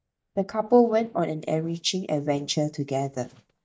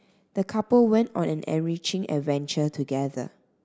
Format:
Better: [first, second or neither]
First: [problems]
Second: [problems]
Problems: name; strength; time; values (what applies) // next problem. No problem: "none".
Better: second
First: noise reduction (neural mask model DeepFilterNet 3)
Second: none